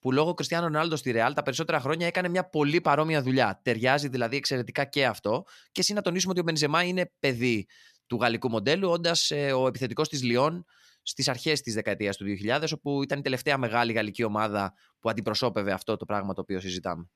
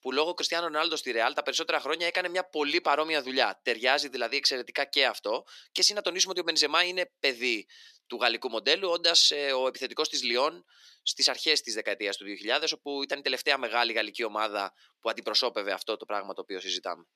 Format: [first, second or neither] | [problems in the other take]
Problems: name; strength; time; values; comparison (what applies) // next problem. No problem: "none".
first | thin; somewhat; fading below 350 Hz